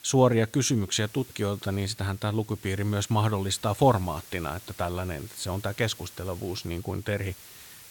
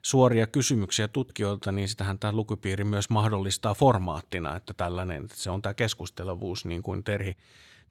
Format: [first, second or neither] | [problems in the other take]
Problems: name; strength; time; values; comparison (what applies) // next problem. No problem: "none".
second | hiss; noticeable; throughout; 20 dB below the speech